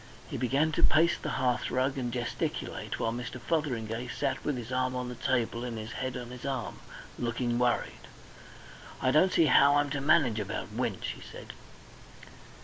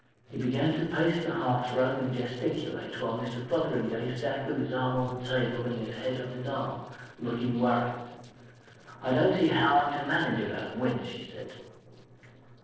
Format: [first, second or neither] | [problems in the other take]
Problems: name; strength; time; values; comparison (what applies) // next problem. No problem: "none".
first | noise reduction (neural separator model SepFormer DNS4)